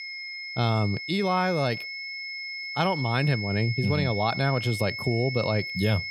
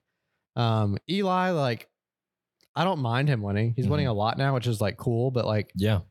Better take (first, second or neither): second